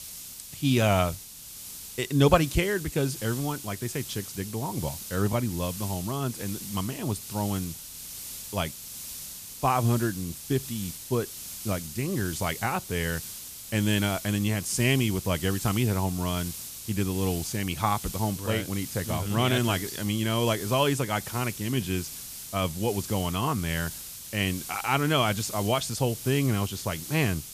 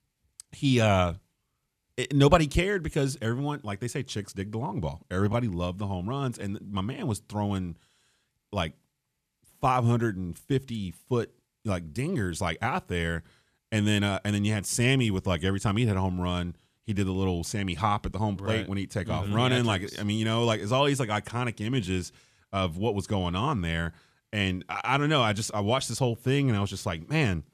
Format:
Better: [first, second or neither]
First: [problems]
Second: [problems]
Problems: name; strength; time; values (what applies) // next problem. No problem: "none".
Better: second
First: hiss; loud; throughout; 9 dB below the speech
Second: none